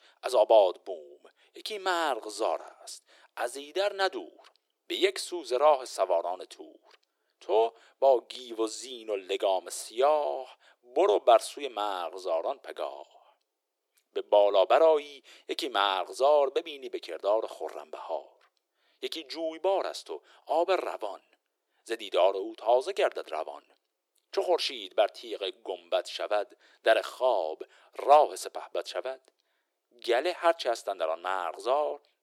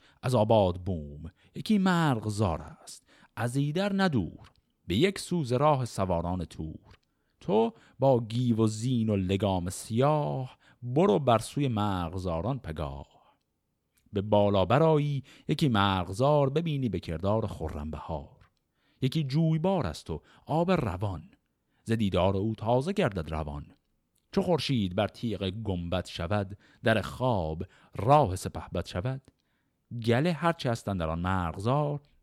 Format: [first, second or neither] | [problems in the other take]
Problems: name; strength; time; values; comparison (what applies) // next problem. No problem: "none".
second | thin; very; fading below 350 Hz